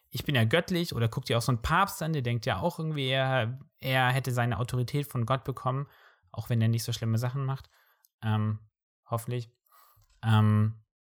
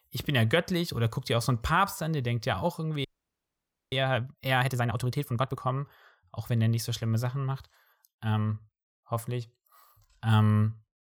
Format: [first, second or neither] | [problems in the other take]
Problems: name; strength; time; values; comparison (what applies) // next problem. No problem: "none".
first | audio freezing; at 3 s for 1 s